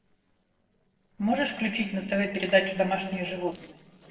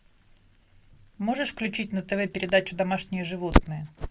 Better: second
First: noise reduction (neural separator model SepFormer DNS4)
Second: none

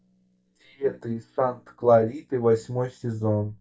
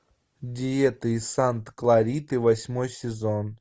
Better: second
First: noise reduction (neural mask model DeepFilterNet 3)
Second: none

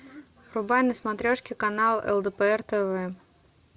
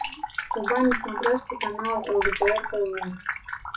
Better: first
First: none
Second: noise reduction (classical method WPE with log-MMSE)

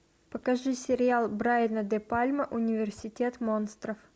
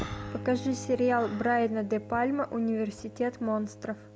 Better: first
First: none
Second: background sound (Breathing + Bowed string instrument); 13 dB below the speech

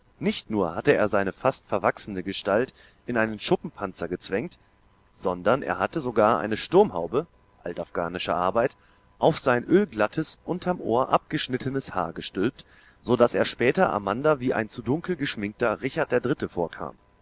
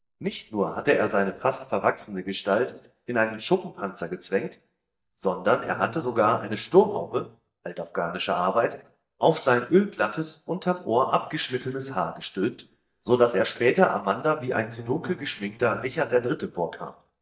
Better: first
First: none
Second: noise reduction (neural mask model DeepFilterNet 3)

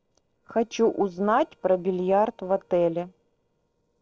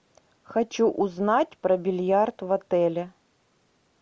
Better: second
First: noise reduction (neural separator model SepFormer DNS4)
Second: none

